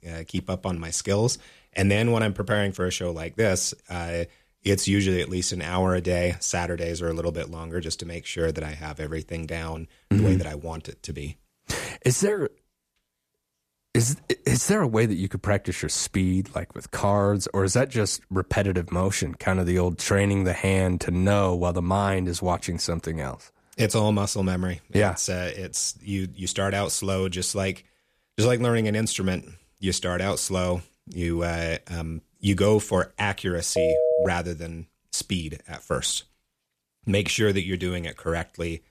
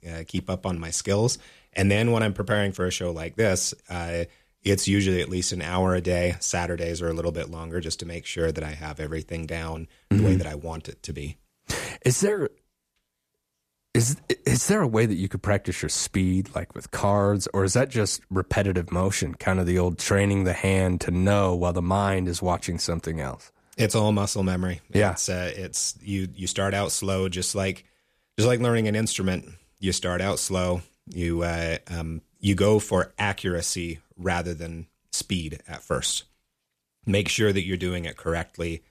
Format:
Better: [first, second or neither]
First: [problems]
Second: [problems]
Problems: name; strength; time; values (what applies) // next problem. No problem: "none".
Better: second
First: phone ringing; loud; at 34 s; peak 4 dB above the speech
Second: none